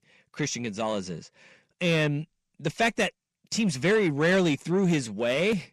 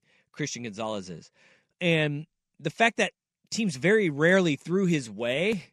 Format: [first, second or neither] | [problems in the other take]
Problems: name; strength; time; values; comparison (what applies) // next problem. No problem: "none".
second | distortion; slight; 10 dB below the speech